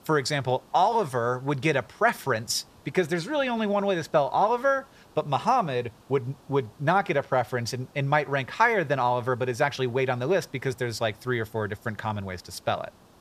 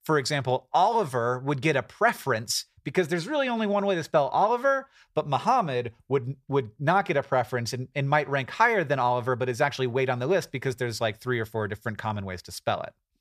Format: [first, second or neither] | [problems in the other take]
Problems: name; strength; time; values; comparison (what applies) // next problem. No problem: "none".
second | hiss; faint; throughout; 30 dB below the speech